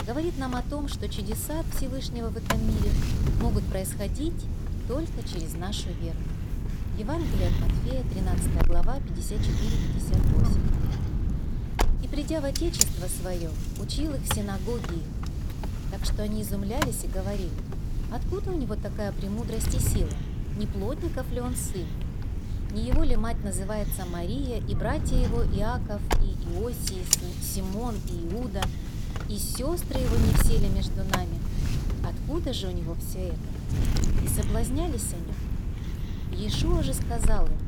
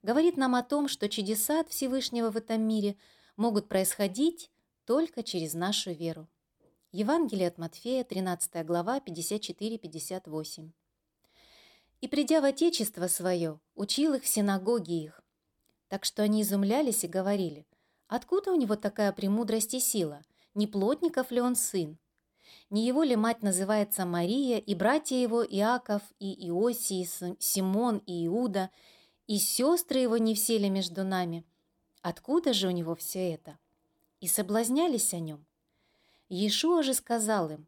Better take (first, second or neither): second